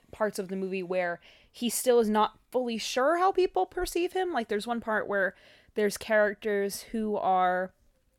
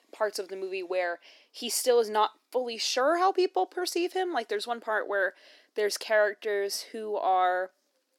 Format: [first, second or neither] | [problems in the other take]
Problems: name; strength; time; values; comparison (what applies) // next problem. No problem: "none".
first | thin; somewhat; fading below 300 Hz